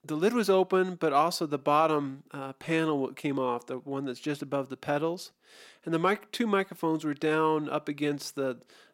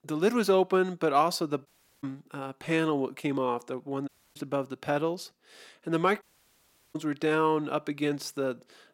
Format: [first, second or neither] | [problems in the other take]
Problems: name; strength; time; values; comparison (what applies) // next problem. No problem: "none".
first | audio cutting out; at 1.5 s, at 4 s and at 6 s for 0.5 s